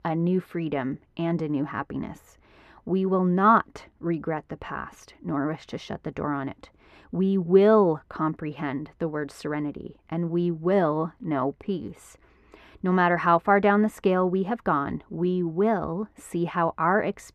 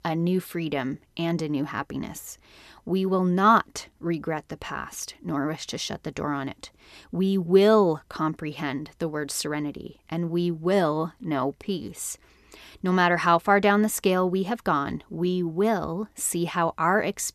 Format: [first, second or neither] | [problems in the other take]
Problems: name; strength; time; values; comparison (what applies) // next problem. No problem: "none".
second | muffled; very; fading above 3 kHz